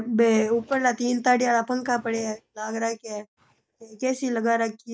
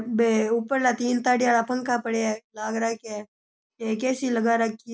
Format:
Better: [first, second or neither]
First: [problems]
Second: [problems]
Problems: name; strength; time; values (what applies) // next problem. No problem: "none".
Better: second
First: noise reduction (neural mask model DeepFilterNet 3)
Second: none